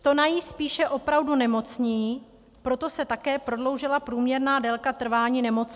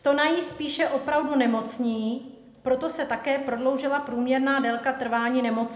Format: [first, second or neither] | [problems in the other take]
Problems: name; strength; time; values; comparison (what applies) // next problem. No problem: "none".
first | room echo; dies away in 0.8 s